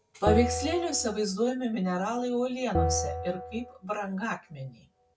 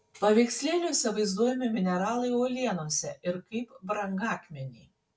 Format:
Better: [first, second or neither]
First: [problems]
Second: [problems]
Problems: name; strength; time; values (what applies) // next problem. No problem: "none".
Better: second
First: background sound (Bell); 4 dB below the speech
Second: none